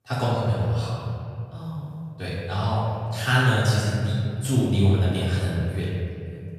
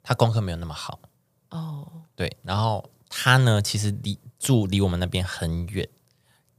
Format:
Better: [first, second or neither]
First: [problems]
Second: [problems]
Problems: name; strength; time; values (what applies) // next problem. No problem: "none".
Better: second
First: room echo; strong; dies away in 2.7 s // off-mic speech; far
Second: none